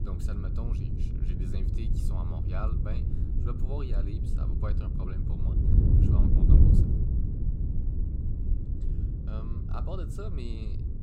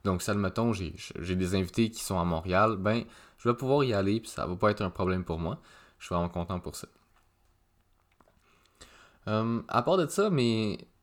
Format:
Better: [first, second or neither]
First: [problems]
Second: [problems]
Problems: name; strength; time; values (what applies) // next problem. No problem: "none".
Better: second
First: wind noise on the microphone; heavy; 3 dB above the speech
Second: none